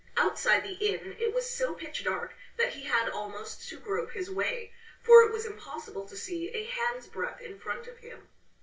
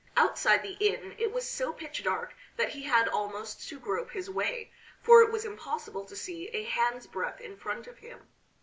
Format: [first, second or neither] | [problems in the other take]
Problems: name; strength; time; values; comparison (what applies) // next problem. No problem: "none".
second | room echo; dies away in 0.2 s